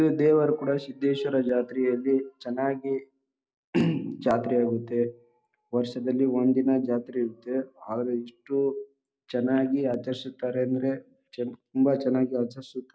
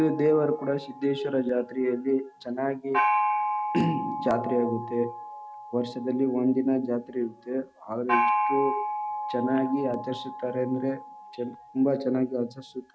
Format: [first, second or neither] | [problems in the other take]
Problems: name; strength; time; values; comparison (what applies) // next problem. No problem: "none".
first | background sound (Gong); 4 dB below the speech